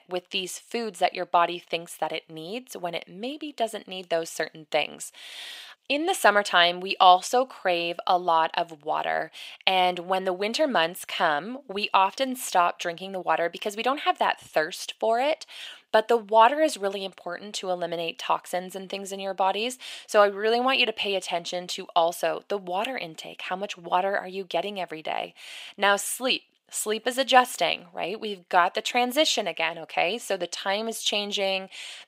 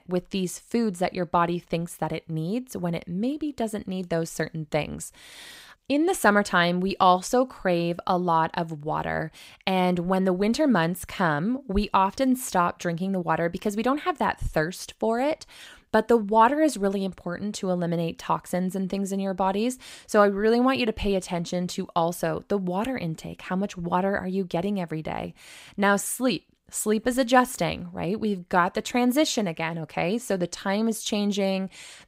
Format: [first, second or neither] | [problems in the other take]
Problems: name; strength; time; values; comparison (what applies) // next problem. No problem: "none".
second | thin; somewhat; fading below 400 Hz